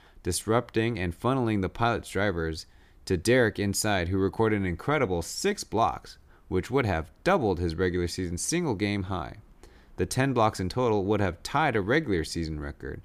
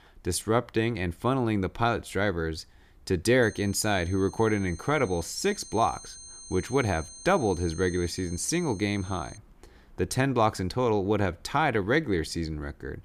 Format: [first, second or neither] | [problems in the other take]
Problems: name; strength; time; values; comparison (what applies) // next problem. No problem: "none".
first | high-pitched whine; noticeable; from 3.5 to 9.5 s; 6.5 kHz, 15 dB below the speech